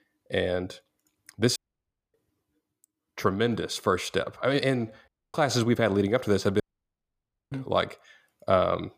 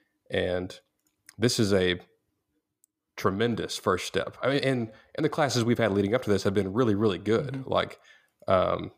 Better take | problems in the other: second | audio cutting out; at 1.5 s for 0.5 s, at 5 s and at 6.5 s for 1 s

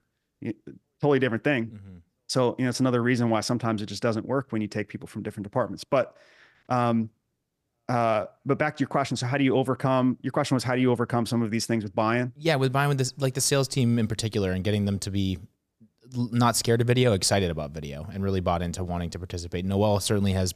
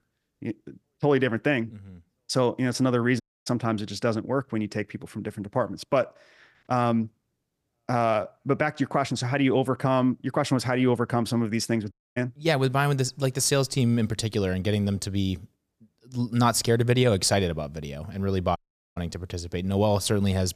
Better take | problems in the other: first | audio cutting out; at 3 s, at 12 s and at 19 s

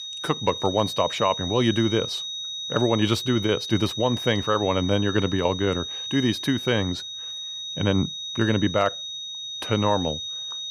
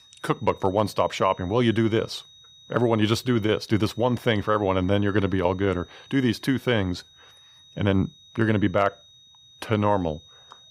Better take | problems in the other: second | high-pitched whine; loud; throughout; 4 kHz, 6 dB below the speech; faint in the second

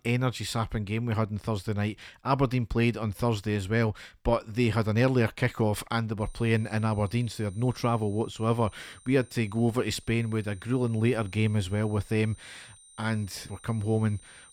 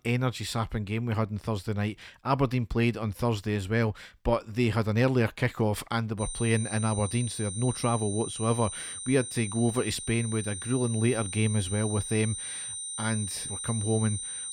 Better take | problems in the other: first | high-pitched whine; loud; from 6 s on; 9 kHz, 6 dB below the speech; faint in the first

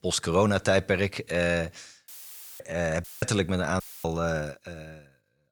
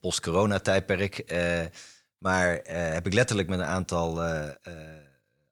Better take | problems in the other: second | audio cutting out; filled with static; at 2 s for 0.5 s, at 3 s and at 4 s

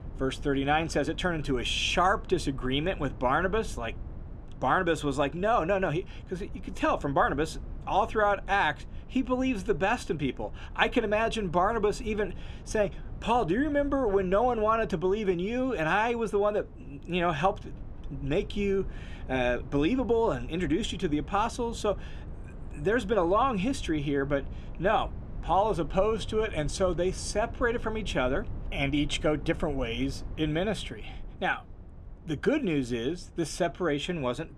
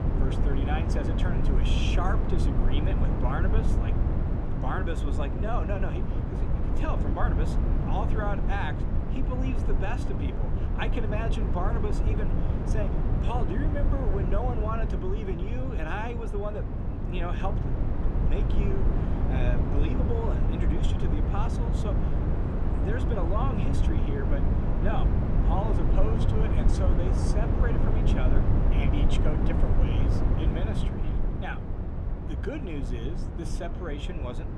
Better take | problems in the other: first | low rumble; loud; throughout; 1 dB below the speech; faint in the first

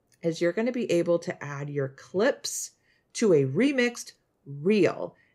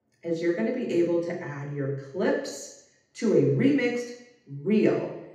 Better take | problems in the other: first | room echo; noticeable; dies away in 0.8 s // off-mic speech; far

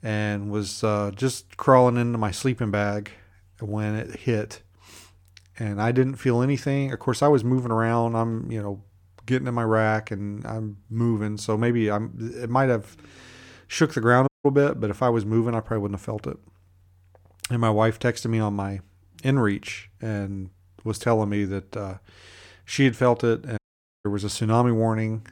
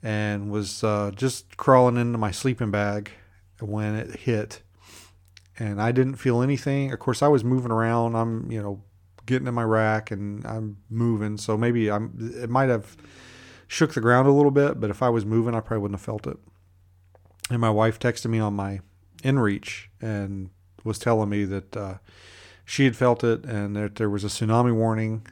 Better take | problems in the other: second | audio cutting out; at 14 s and at 24 s

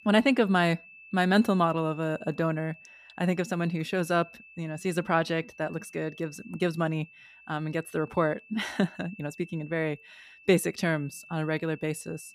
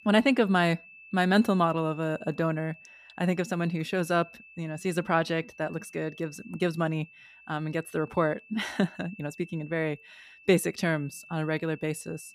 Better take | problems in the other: neither | high-pitched whine; faint; throughout; 2.5 kHz, 20 dB below the speech; the same in both

